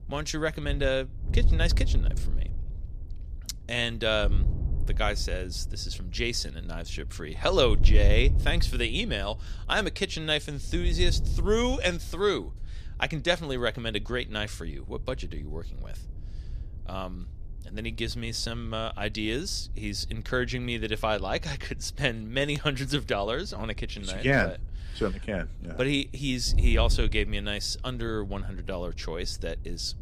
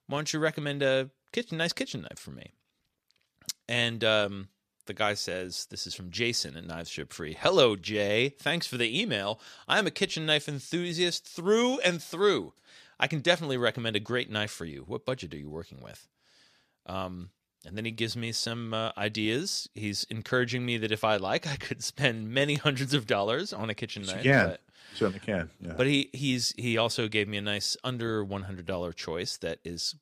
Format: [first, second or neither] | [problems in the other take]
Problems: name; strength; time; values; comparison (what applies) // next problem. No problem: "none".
second | wind noise on the microphone; occasional gusts; 20 dB below the speech